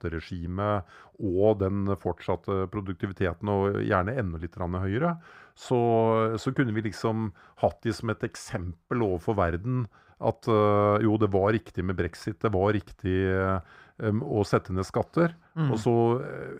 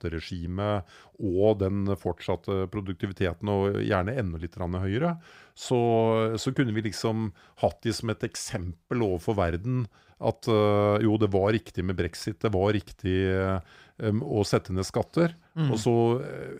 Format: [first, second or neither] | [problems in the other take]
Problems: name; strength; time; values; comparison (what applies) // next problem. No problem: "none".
second | muffled; slightly; fading above 2.5 kHz